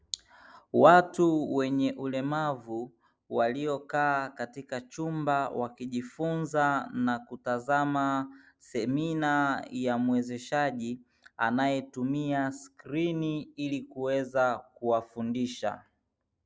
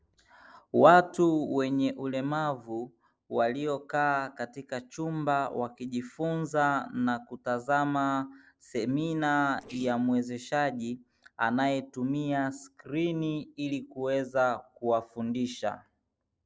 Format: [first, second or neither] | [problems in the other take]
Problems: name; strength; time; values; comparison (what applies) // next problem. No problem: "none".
first | noise reduction (neural separator model SepFormer DNS4)